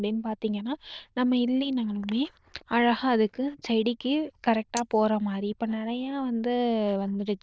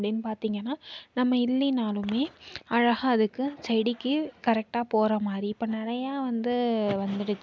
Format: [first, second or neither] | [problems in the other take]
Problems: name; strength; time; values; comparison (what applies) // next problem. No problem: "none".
second | noise reduction (neural diffusion model UNIVERSE++)